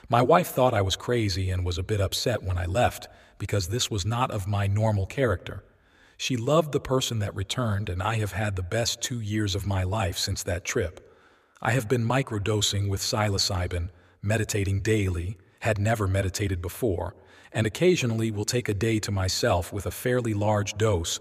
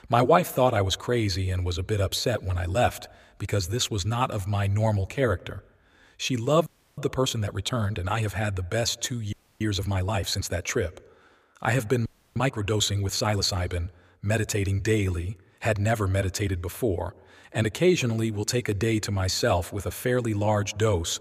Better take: first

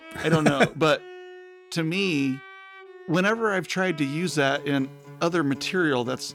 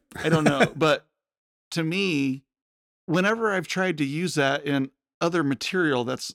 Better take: second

